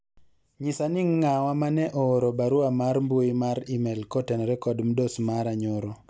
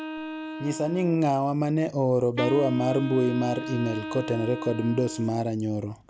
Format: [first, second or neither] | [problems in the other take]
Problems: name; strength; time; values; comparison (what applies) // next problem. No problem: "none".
first | background sound (Wind instrument, woodwind instrument); 10 dB below the speech